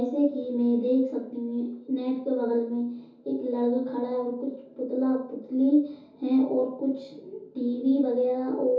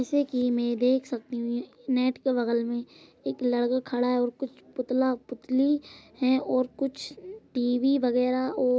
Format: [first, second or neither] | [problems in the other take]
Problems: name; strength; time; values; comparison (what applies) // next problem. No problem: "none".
second | room echo; dies away in 0.6 s